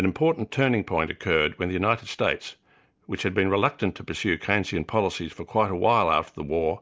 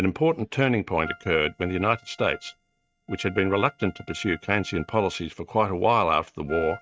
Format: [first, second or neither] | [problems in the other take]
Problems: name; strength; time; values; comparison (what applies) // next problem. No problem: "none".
first | noise reduction (neural mask model RNNoise)